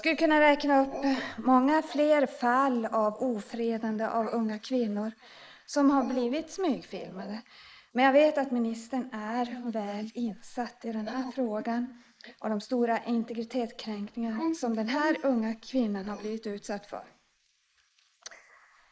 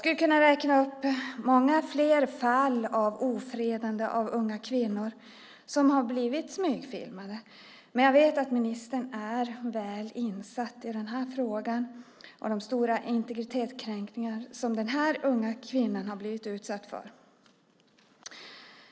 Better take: second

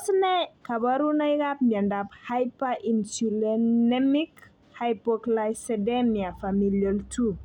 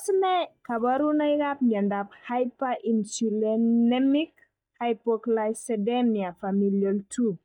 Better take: first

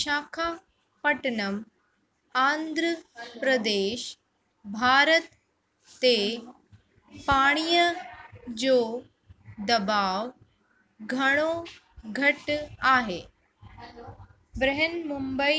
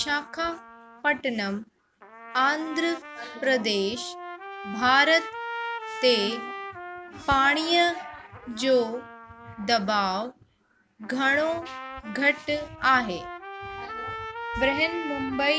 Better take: first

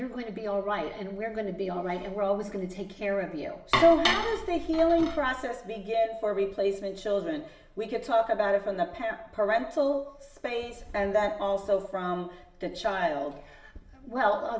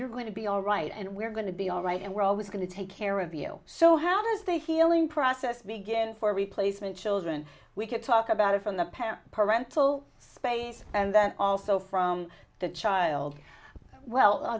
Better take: second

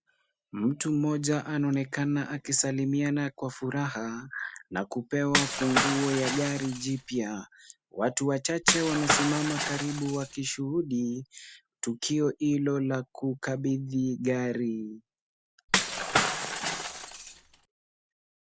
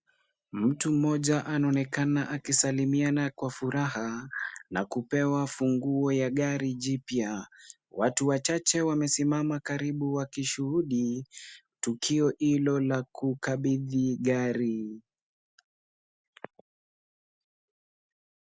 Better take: second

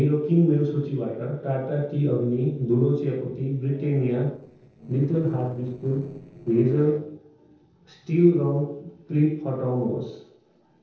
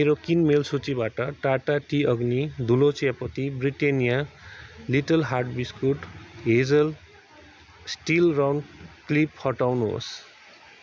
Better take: second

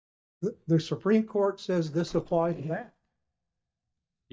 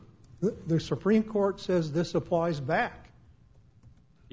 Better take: second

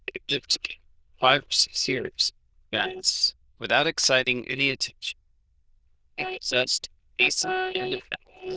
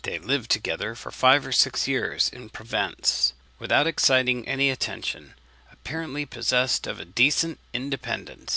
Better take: second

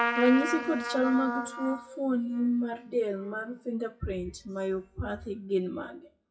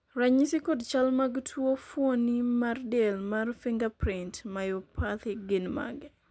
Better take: second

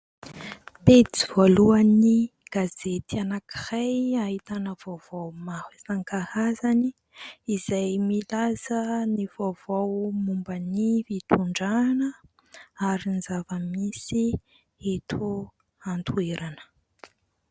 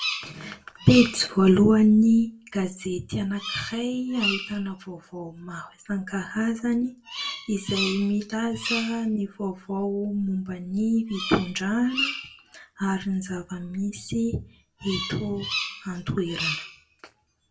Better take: first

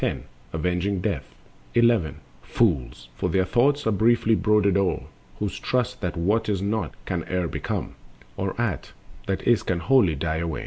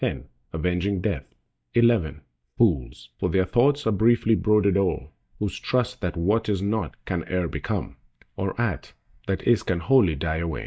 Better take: first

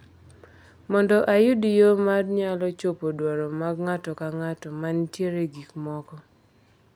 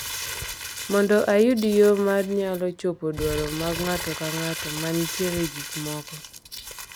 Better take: first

